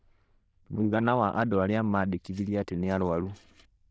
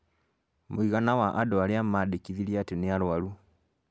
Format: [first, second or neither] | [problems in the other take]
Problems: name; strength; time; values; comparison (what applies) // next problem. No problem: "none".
second | noise reduction (neural diffusion model UNIVERSE++)